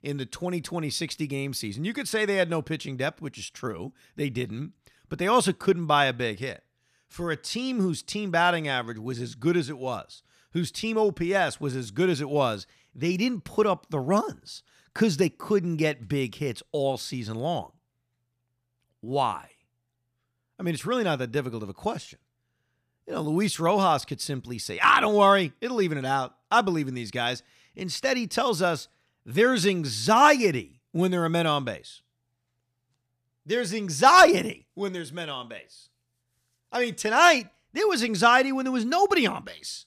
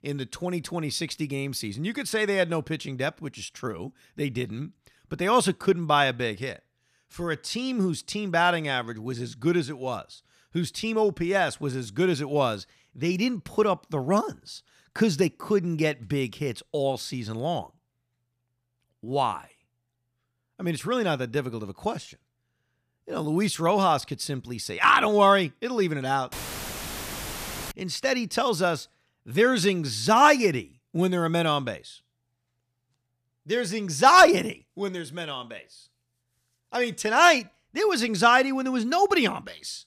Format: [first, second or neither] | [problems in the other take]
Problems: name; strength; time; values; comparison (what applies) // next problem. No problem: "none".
first | audio cutting out; filled with static; at 26 s for 1.5 s